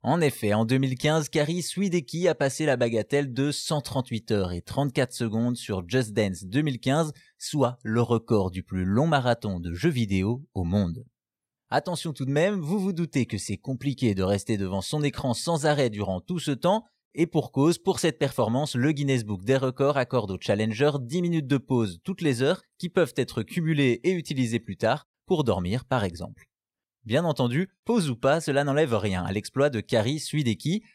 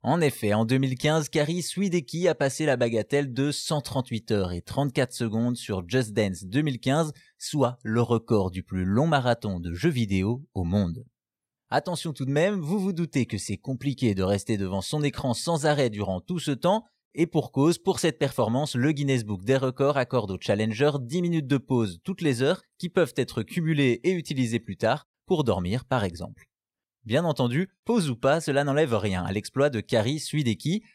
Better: neither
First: none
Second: none

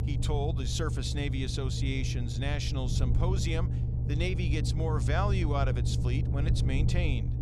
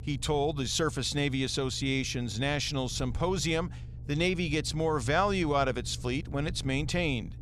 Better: second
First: low rumble; loud; throughout; 7 dB below the speech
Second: low rumble; faint; throughout; 25 dB below the speech

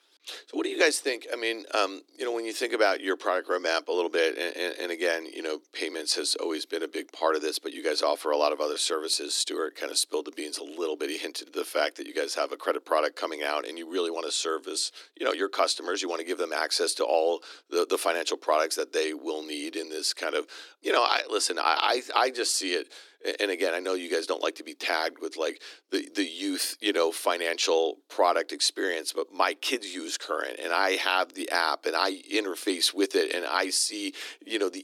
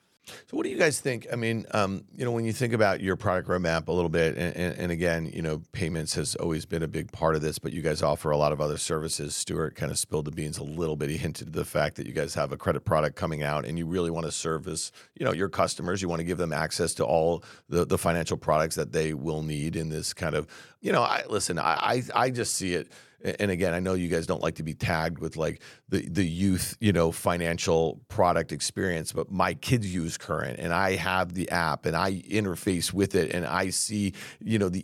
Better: second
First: thin; somewhat; fading below 300 Hz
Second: none

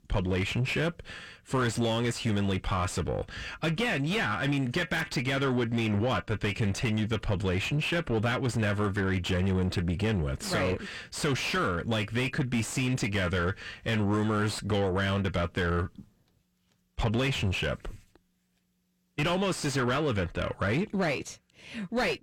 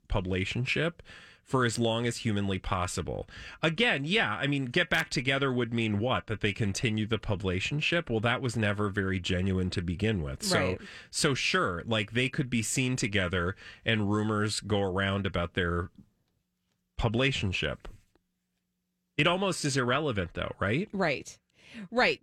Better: second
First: distortion; heavy; 8 dB below the speech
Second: none

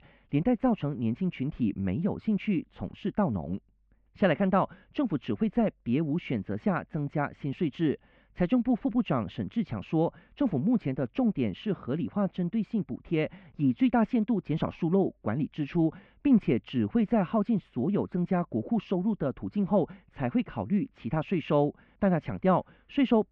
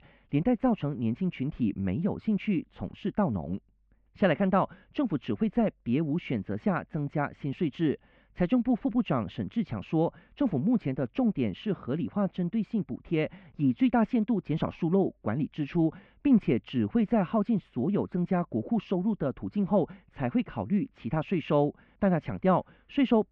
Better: neither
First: muffled; very; fading above 2.5 kHz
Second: muffled; very; fading above 2.5 kHz

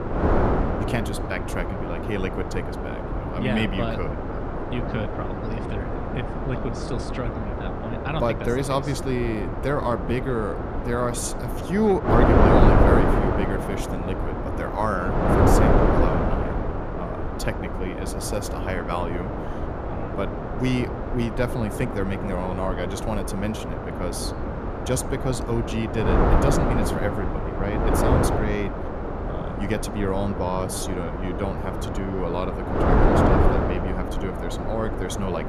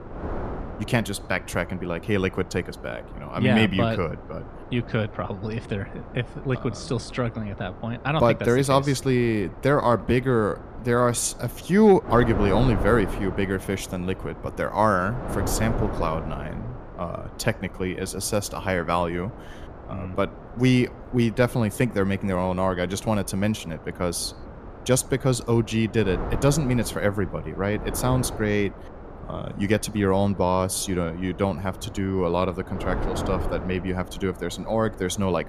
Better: second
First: wind noise on the microphone; heavy; 2 dB above the speech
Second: wind noise on the microphone; occasional gusts; 15 dB below the speech

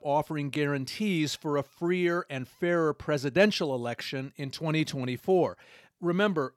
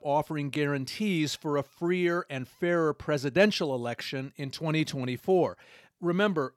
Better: neither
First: none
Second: none

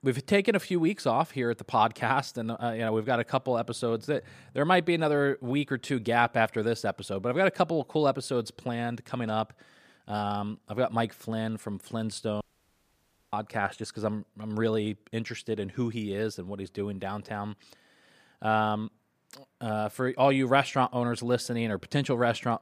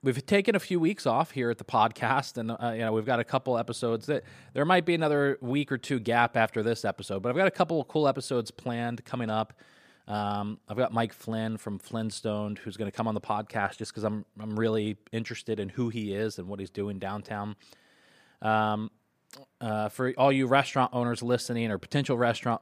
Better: second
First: audio cutting out; at 12 s for 1 s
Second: none

